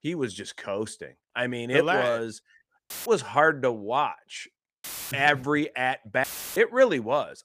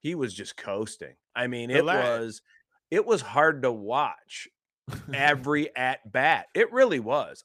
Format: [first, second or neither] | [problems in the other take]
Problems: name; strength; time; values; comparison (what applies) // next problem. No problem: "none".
second | audio cutting out; filled with static; at 3 s, at 5 s and at 6 s